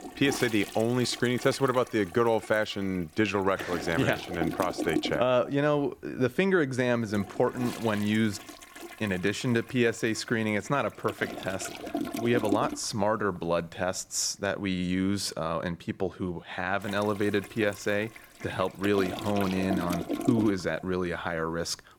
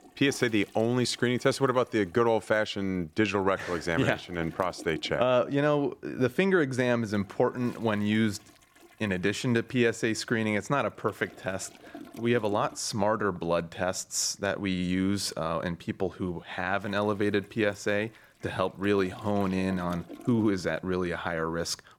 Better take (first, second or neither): second